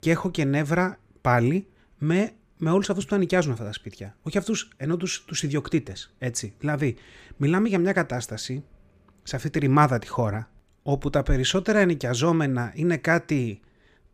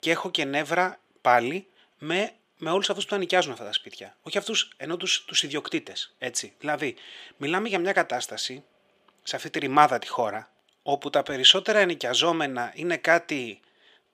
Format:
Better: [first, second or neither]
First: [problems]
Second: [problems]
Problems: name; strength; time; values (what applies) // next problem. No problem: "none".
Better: first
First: none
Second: thin; somewhat; fading below 400 Hz